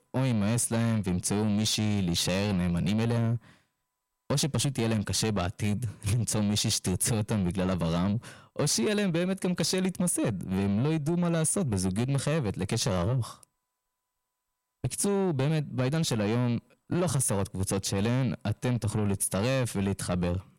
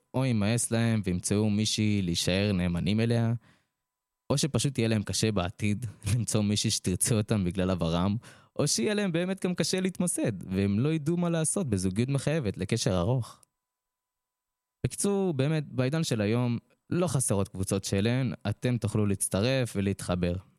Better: second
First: distortion; slight; 10 dB below the speech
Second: none

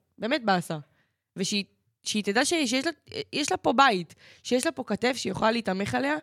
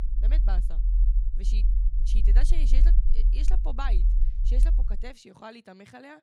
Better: first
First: none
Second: low rumble; loud; until 5 s; 7 dB below the speech

